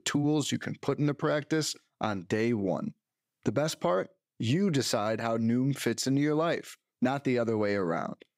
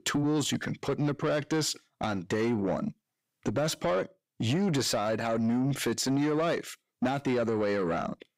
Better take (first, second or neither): first